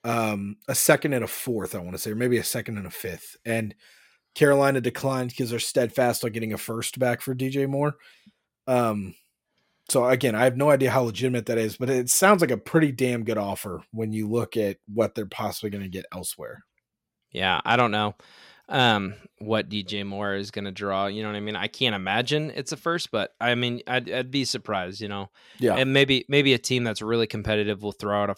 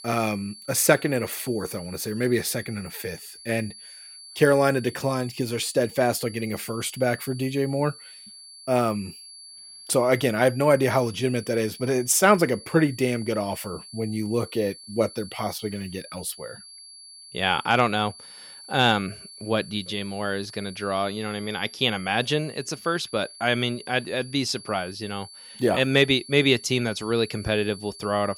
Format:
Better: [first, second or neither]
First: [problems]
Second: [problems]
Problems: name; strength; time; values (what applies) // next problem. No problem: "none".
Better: first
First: none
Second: high-pitched whine; noticeable; throughout; 4.5 kHz, 15 dB below the speech